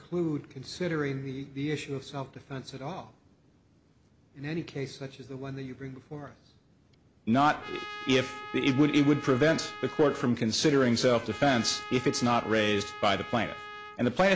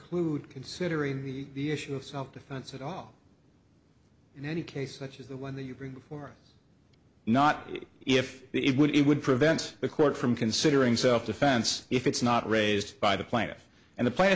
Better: second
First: background sound (Trumpet); 14 dB below the speech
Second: none

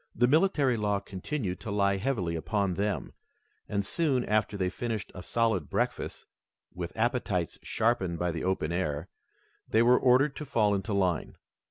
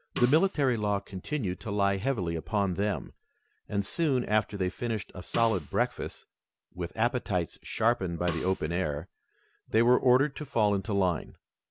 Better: first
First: none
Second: background sound (Snare drum); 15 dB below the speech

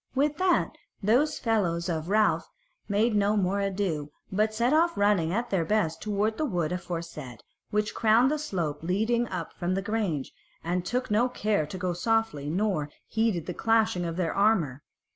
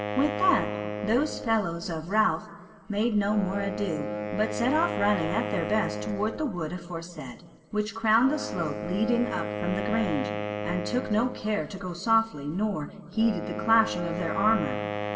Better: first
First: none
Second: background sound (Wind instrument, woodwind instrument); 6 dB below the speech // room echo; dies away in 2.7 s

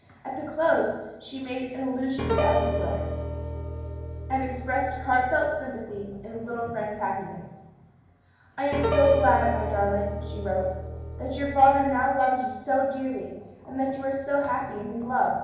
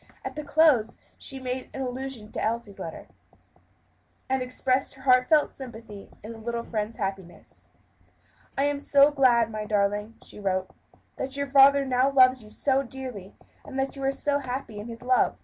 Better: second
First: background sound (Piano); 3 dB below the speech // room echo; dies away in 1 s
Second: none

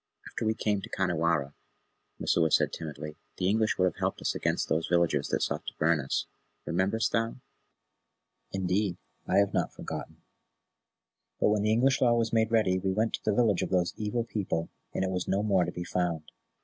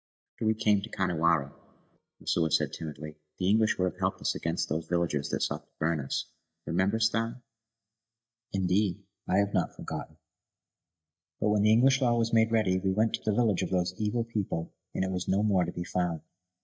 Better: first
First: none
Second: noise reduction (neural mask model DeepFilterNet 3)

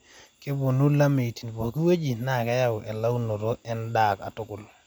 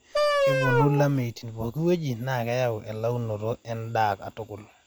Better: first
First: none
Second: background sound (Wind instrument, woodwind instrument); 1 dB above the speech

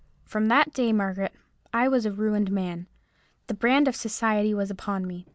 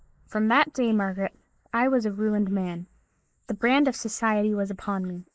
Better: first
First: none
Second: noise reduction (neural mask model Resemble Enhance denoiser)

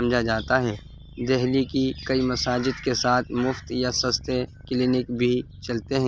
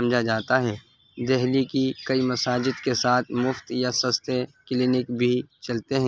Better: second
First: background sound (Purr); 17 dB below the speech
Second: none

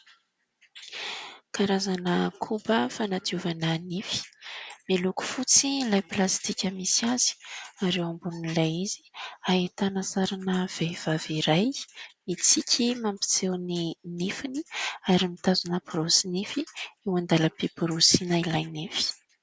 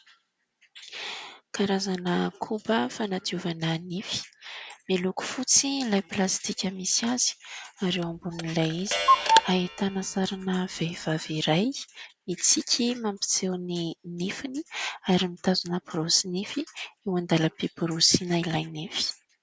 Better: first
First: none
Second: background sound (Clock); 1 dB above the speech

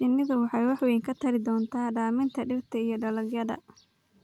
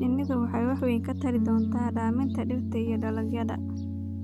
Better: first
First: none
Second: background sound (Piano); 1 dB below the speech

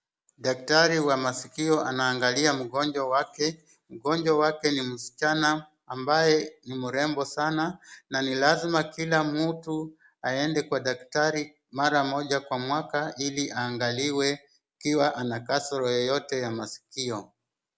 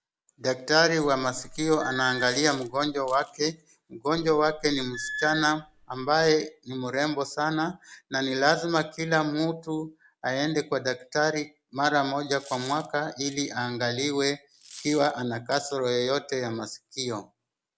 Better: first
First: none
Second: background sound (Coin (dropping) + Squeak / Screech); 14 dB below the speech

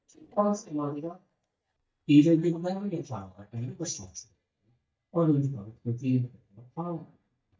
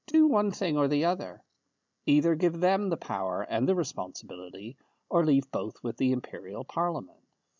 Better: second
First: noise reduction (neural mask model DeepFilterNet 3)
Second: none

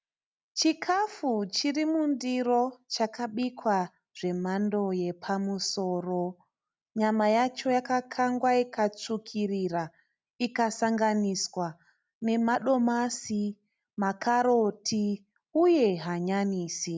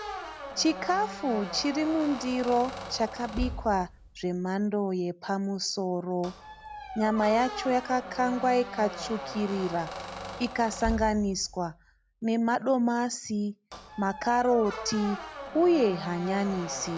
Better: first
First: none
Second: background sound (Squeak); 11 dB below the speech

